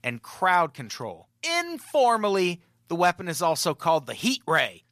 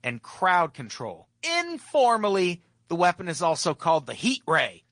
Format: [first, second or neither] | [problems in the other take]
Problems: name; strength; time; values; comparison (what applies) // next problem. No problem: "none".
first | garbled, watery; slightly; nothing above 9 kHz